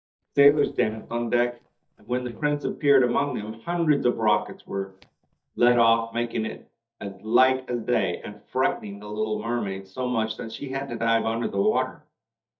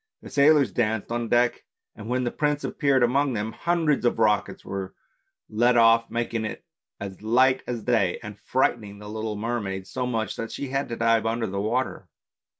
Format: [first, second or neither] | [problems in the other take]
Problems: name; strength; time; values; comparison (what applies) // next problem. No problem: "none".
second | noise reduction (neural mask model DeepFilterNet 3)